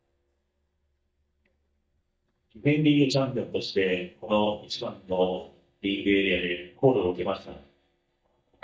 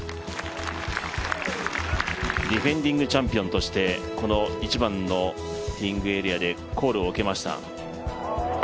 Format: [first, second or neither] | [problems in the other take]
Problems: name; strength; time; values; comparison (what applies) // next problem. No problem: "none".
second | noise reduction (neural mask model DeepFilterNet 3)